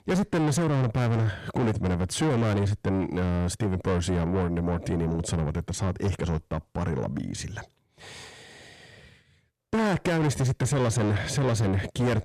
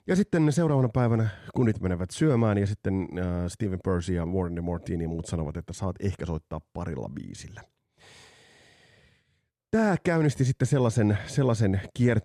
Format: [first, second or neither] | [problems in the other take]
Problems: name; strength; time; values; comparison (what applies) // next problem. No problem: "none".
second | distortion; heavy; 6 dB below the speech